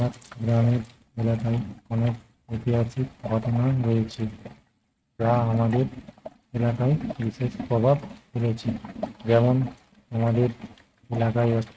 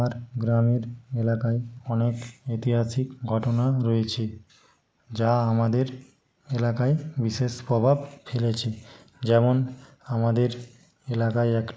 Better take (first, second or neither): second